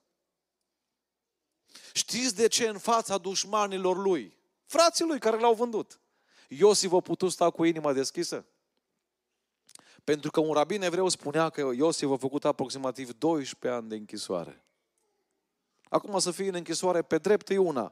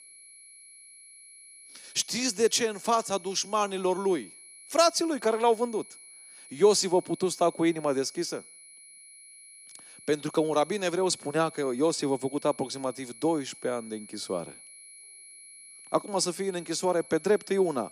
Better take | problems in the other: first | high-pitched whine; noticeable; throughout; 11 kHz, 20 dB below the speech

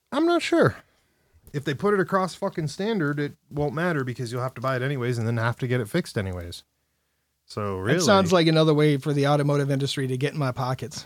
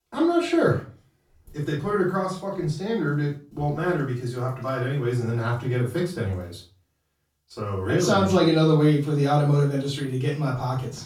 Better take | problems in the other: first | off-mic speech; far // room echo; slight; dies away in 0.3 s

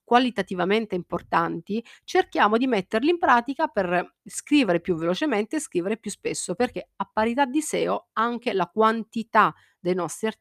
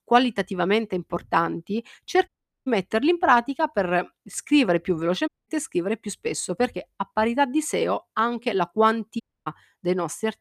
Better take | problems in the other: first | audio cutting out; at 2.5 s, at 5.5 s and at 9 s

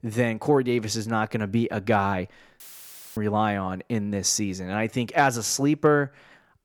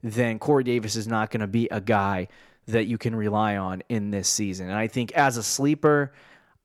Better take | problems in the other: second | audio cutting out; filled with static; at 2.5 s for 0.5 s

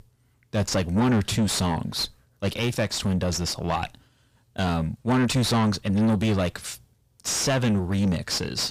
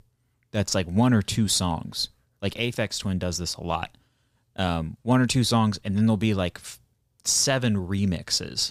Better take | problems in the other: second | distortion; heavy; 6 dB below the speech

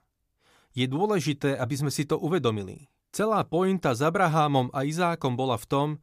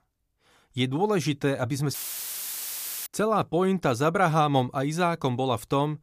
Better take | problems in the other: first | audio cutting out; filled with static; at 2 s for 1 s

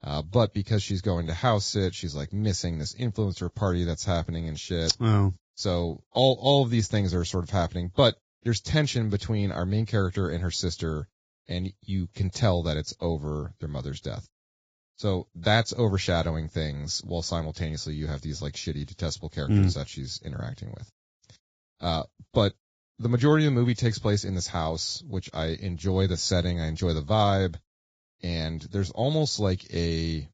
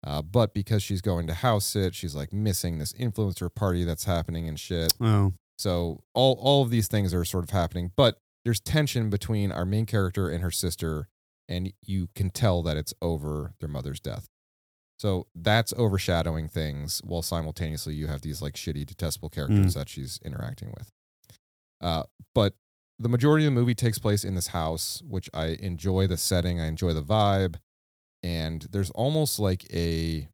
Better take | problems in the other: second | garbled, watery; badly; nothing above 7.5 kHz

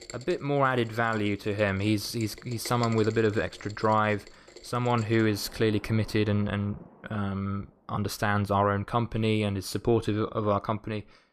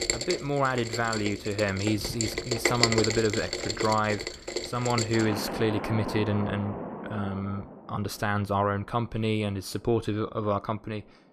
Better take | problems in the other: first | rain or running water; loud; throughout; 3 dB below the speech; faint in the first

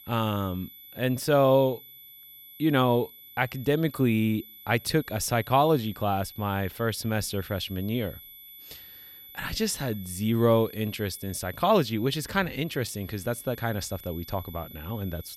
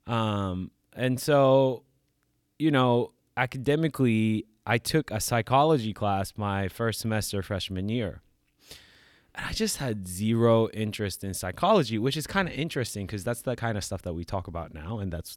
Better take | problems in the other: second | high-pitched whine; noticeable; throughout; 12 kHz, 20 dB below the speech

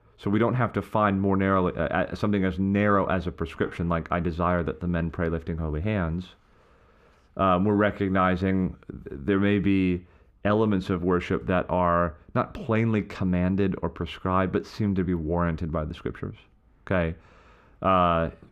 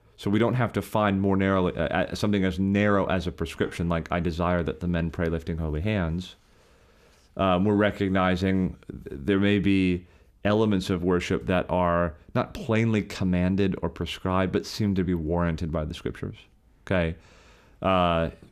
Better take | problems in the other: second | muffled; slightly; fading above 3.5 kHz

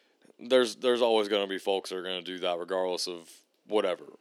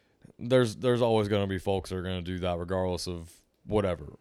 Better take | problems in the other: second | thin; somewhat; fading below 250 Hz

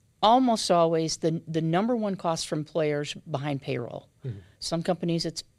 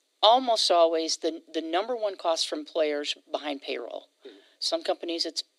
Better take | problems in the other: first | thin; very; fading below 300 Hz

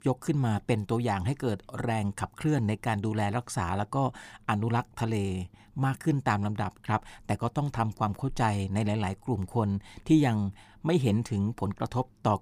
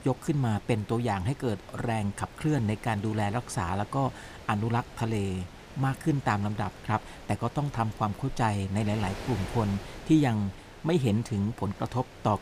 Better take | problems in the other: first | wind noise on the microphone; occasional gusts; 15 dB below the speech

